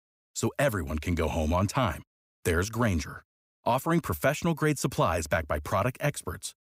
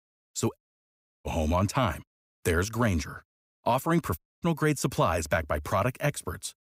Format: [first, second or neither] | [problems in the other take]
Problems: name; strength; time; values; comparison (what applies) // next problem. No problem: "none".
first | audio cutting out; at 0.5 s for 0.5 s and at 4 s